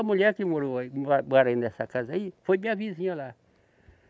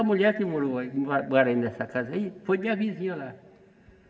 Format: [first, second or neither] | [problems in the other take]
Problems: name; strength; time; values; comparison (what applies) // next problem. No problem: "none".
first | room echo; dies away in 2.3 s